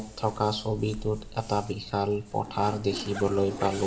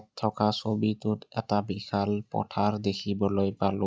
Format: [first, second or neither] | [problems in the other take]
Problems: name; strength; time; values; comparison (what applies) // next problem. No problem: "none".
second | background sound (Zipper (clothing)); 13 dB below the speech // room echo; dies away in 2.2 s